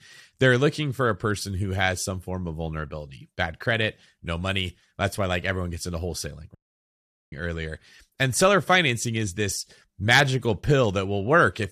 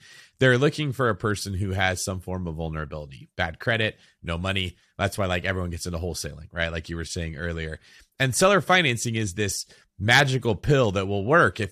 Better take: second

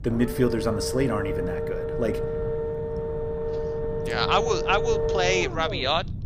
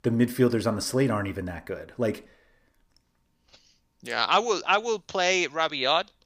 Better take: second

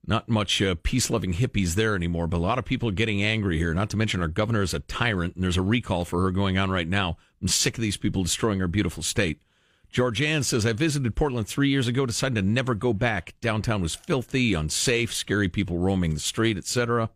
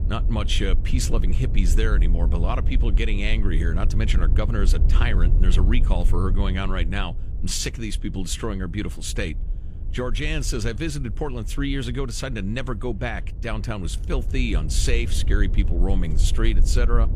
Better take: first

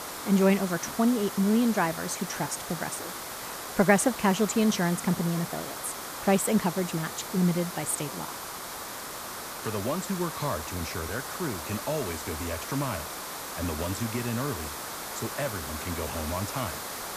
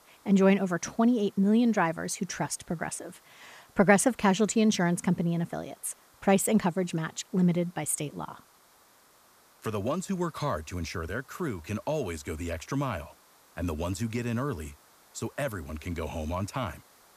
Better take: second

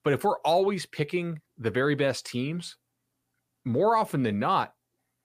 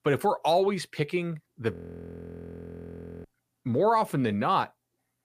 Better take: first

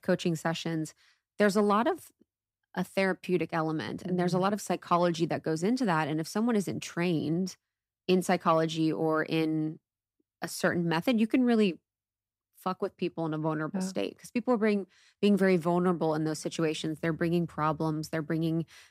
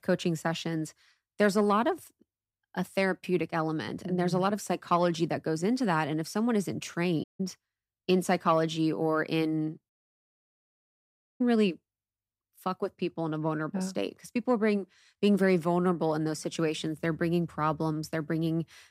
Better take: first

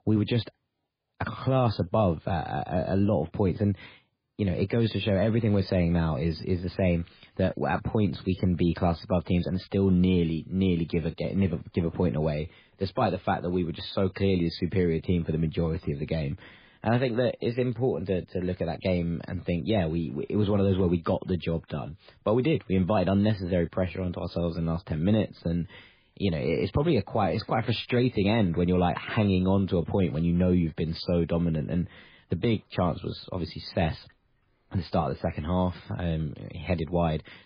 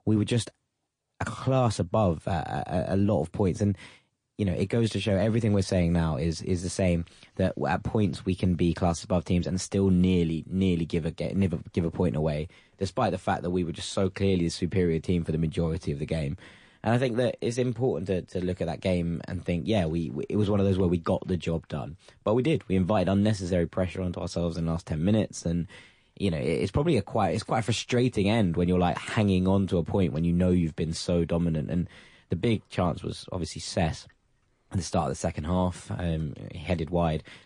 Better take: second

